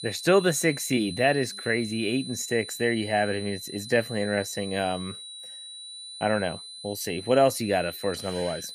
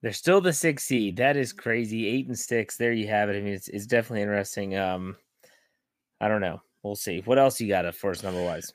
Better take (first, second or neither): second